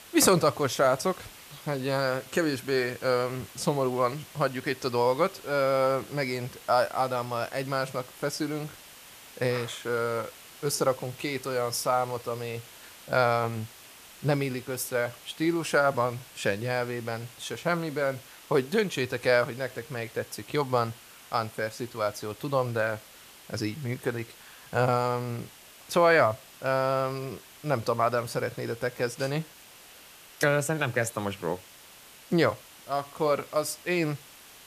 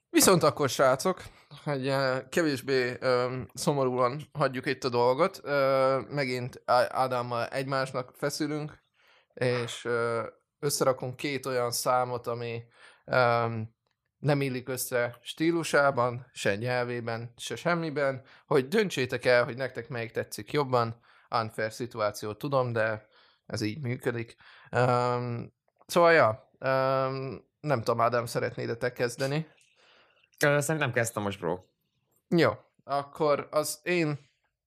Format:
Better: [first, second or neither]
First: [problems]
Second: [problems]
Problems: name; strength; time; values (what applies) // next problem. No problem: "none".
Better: second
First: hiss; noticeable; throughout; 20 dB below the speech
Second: none